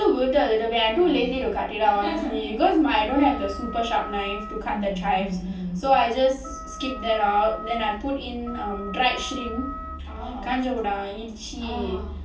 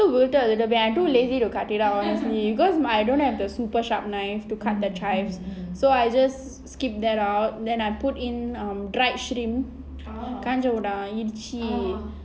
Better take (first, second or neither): second